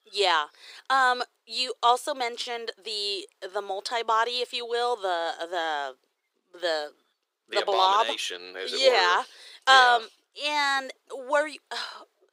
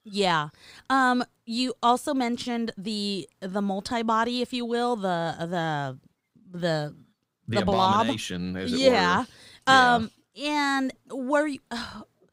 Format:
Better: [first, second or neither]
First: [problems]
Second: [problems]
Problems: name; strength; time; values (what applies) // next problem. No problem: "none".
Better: second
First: thin; very; fading below 400 Hz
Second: none